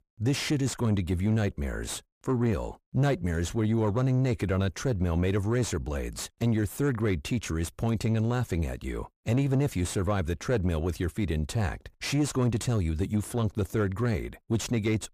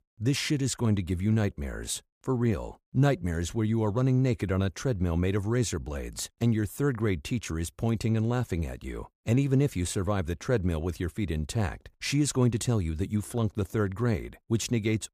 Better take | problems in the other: second | distortion; slight; 10 dB below the speech

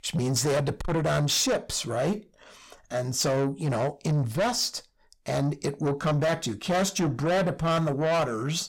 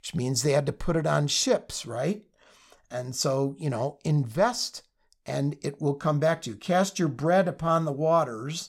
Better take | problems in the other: second | distortion; heavy; 7 dB below the speech

